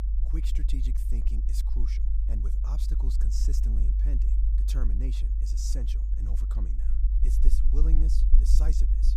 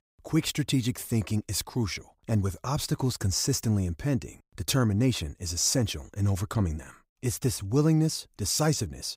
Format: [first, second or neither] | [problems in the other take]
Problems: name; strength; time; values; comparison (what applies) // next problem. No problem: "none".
second | low rumble; loud; throughout; 3 dB below the speech